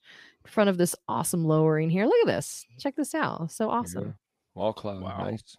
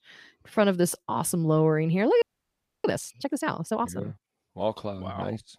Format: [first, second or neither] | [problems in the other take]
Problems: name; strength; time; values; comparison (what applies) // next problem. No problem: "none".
first | audio freezing; at 2 s for 0.5 s